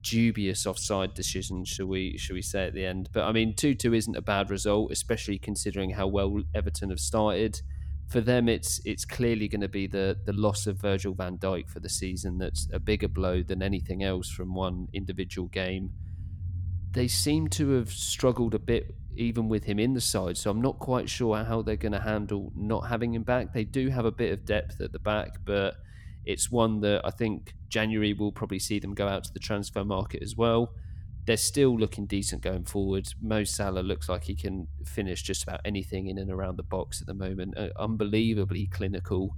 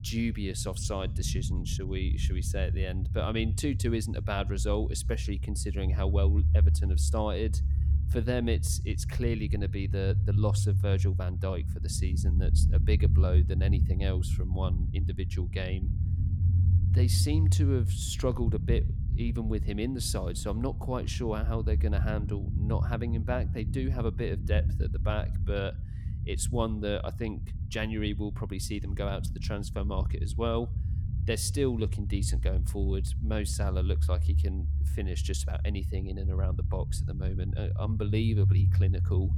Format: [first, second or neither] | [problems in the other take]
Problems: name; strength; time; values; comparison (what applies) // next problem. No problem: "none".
first | low rumble; loud; throughout; 9 dB below the speech; faint in the first